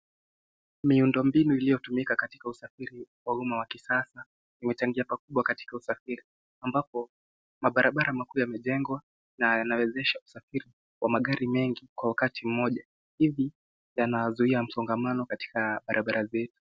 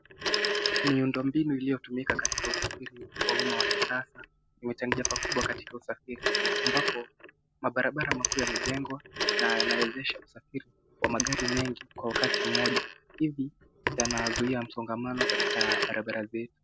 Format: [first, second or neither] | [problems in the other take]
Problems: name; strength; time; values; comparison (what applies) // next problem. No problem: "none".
first | background sound (Telephone); 1 dB above the speech